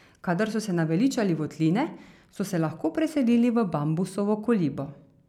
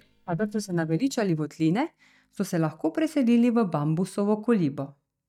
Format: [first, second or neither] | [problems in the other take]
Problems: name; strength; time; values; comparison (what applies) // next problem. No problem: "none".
first | noise reduction (neural mask model DeepFilterNet 3)